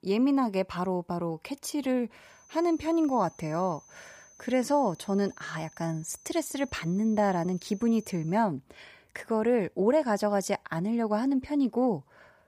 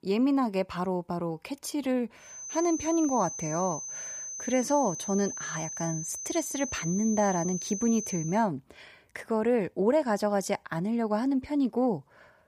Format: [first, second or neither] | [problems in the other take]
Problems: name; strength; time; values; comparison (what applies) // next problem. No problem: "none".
first | high-pitched whine; loud; from 2.5 to 8.5 s; 6 kHz, 6 dB below the speech; faint in the first